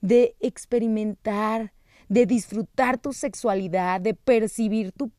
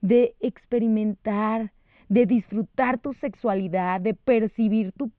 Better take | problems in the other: first | muffled; very; fading above 3 kHz

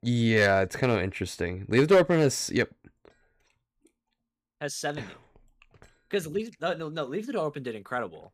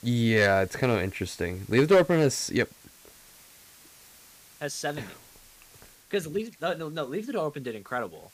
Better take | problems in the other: first | hiss; faint; throughout; 25 dB below the speech

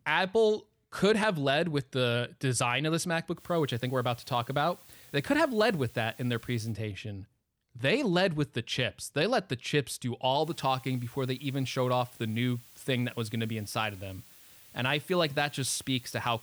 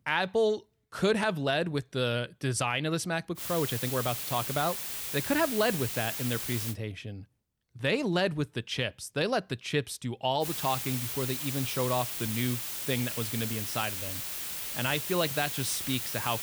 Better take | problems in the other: first | hiss; loud; from 3.5 to 6.5 s and from 10 s on; 3 dB below the speech; faint in the first

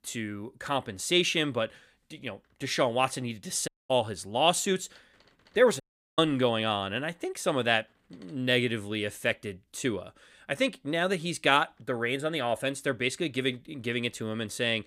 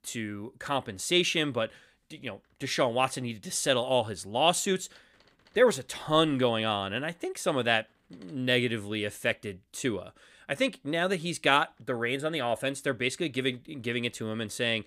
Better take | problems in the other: second | audio cutting out; at 3.5 s and at 6 s

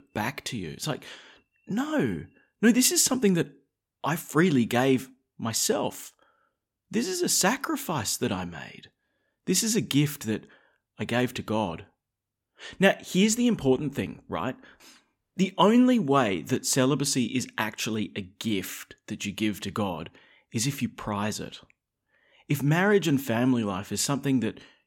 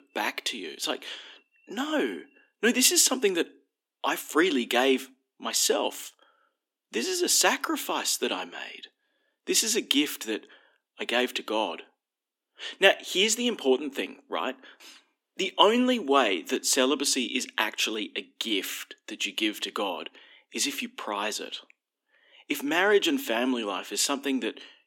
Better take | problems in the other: first | thin; very slightly; fading below 250 Hz

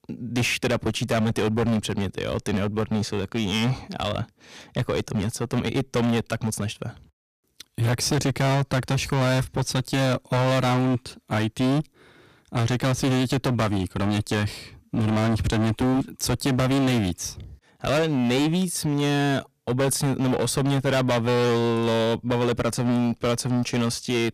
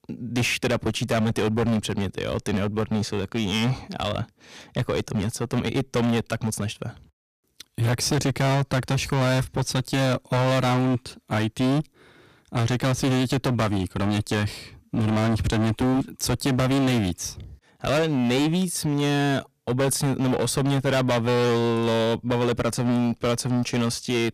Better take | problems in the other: neither | distortion; heavy; 22% of the sound clipped; the same in both

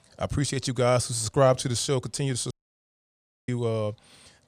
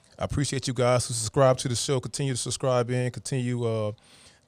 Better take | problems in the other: second | audio cutting out; at 2.5 s for 1 s

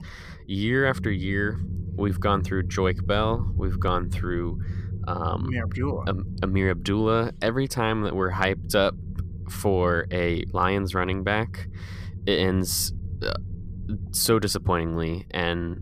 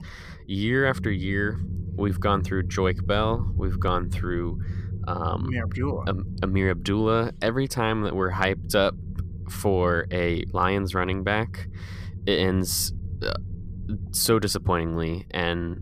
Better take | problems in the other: neither | low rumble; faint; throughout; 20 dB below the speech; the same in both

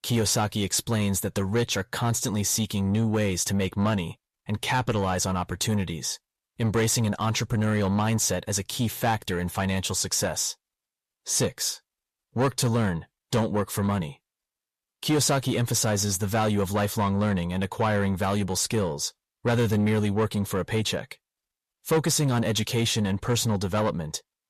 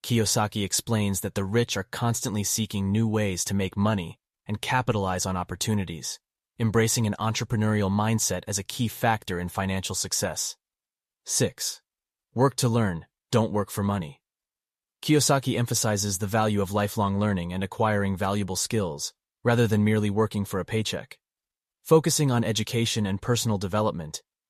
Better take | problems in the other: second | distortion; slight; 10 dB below the speech

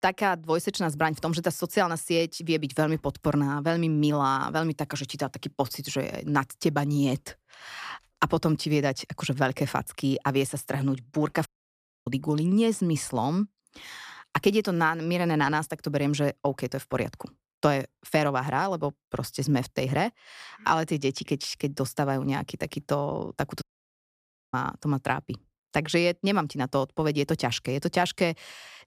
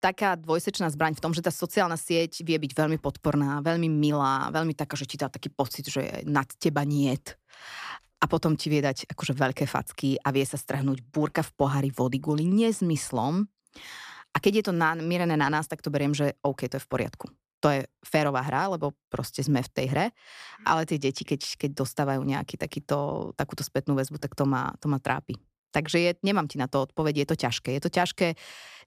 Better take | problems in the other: second | audio cutting out; at 11 s for 0.5 s and at 24 s for 1 s

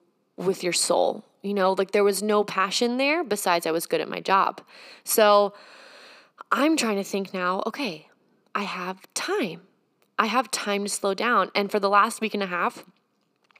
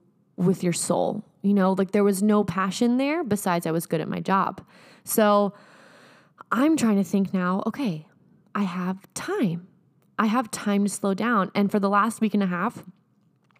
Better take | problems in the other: second | thin; somewhat; fading below 400 Hz

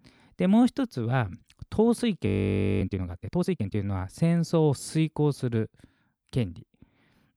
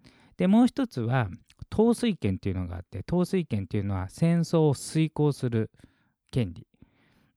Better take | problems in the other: second | audio freezing; at 2.5 s for 0.5 s

